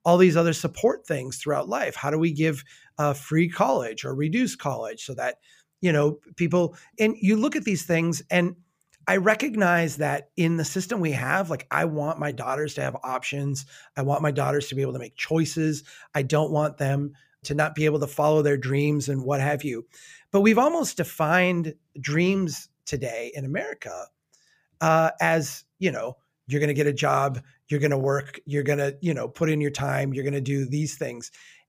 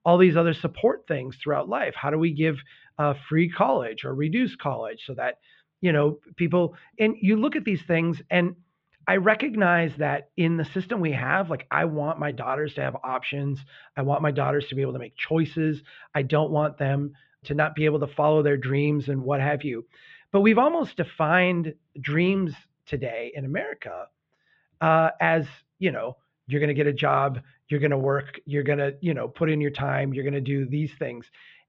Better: first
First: none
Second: muffled; very; fading above 3.5 kHz

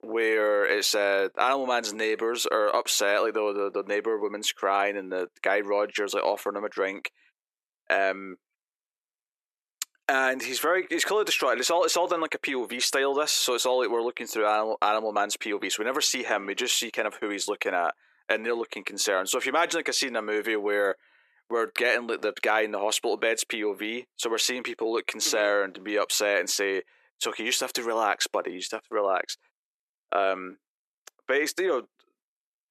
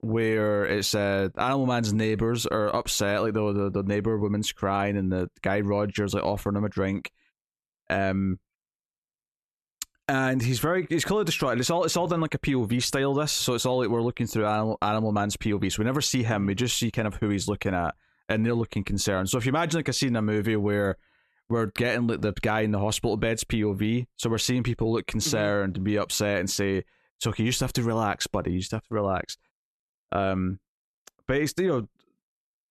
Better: second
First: thin; very; fading below 350 Hz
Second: none

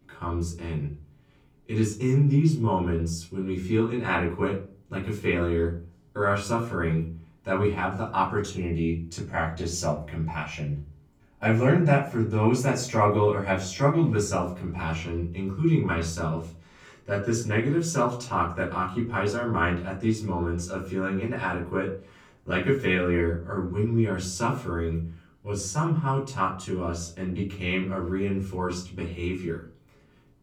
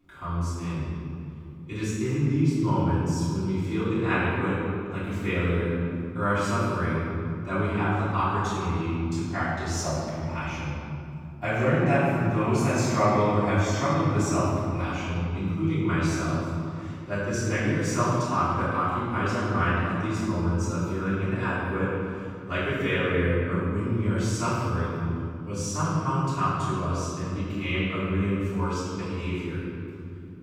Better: first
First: room echo; slight; dies away in 0.4 s // off-mic speech; far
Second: room echo; strong; dies away in 2.7 s // off-mic speech; far

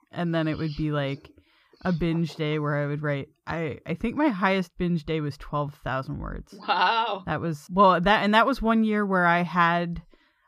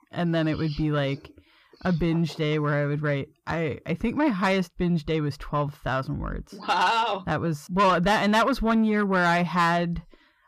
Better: first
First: none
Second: distortion; slight; 10 dB below the speech

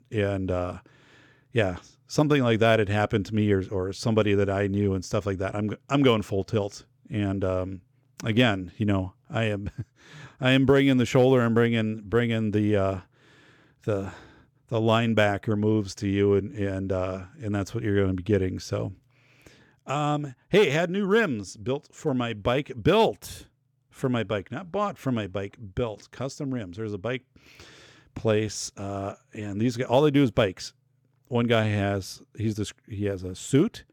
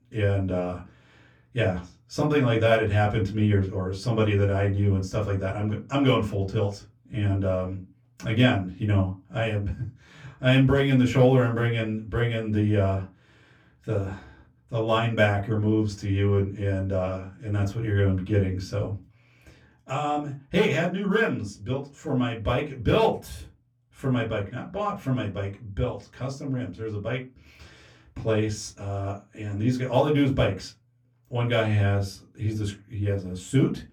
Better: first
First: none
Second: off-mic speech; far // room echo; very slight; dies away in 0.2 s

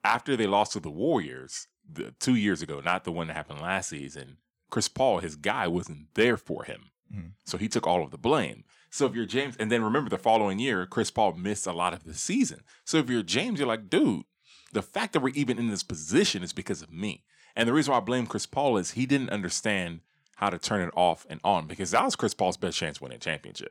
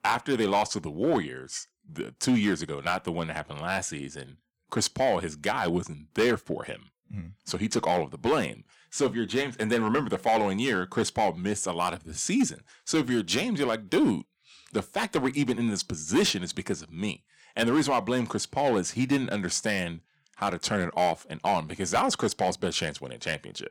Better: first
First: none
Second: distortion; slight; 3% of the sound clipped

